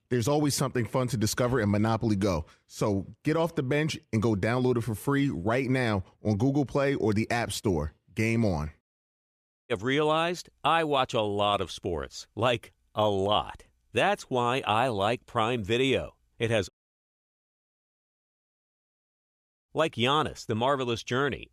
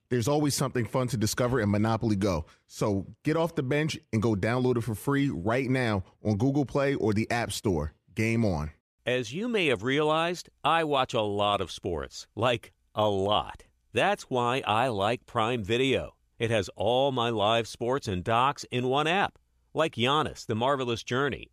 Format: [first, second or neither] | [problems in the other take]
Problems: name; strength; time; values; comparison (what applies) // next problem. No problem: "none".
second | audio cutting out; at 9 s for 1 s and at 17 s for 3 s